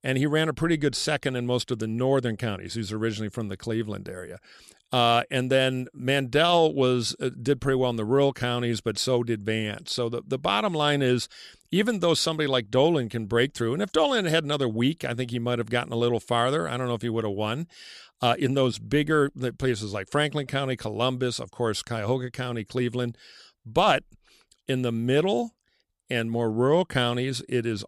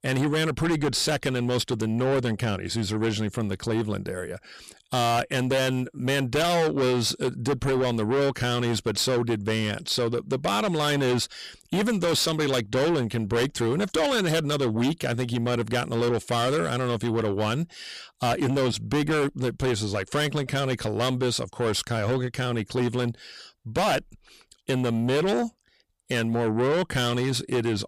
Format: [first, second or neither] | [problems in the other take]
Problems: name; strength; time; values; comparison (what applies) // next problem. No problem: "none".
first | distortion; heavy; 6 dB below the speech